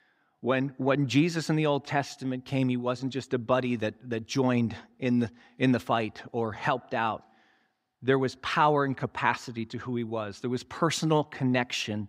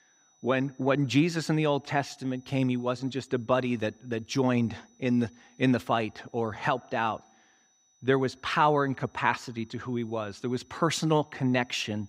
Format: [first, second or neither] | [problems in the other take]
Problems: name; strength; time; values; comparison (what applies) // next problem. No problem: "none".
first | high-pitched whine; faint; throughout; 6 kHz, 35 dB below the speech